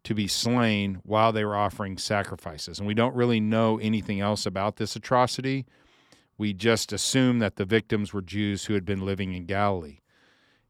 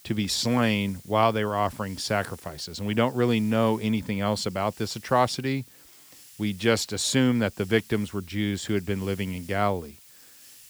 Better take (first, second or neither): first